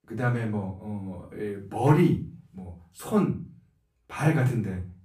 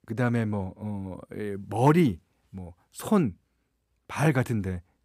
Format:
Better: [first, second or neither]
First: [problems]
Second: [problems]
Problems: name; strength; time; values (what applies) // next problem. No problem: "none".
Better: second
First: room echo; slight; dies away in 0.3 s // off-mic speech; far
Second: none